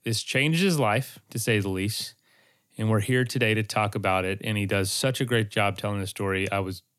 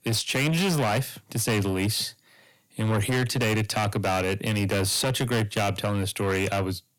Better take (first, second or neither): first